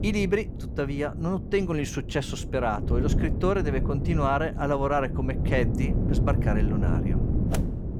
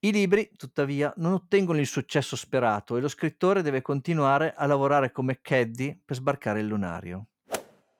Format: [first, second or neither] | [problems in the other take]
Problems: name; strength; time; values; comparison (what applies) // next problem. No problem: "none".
second | wind noise on the microphone; heavy; 9 dB below the speech